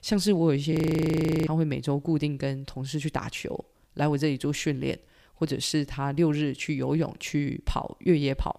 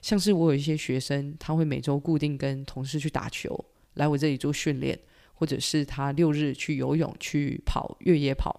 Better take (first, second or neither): second